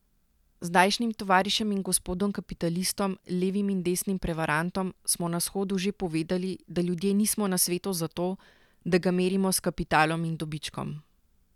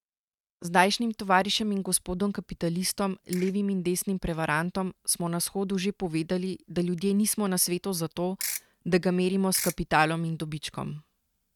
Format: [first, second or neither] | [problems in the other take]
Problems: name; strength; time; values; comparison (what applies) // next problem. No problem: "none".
first | noise reduction (neural mask model RNNoise)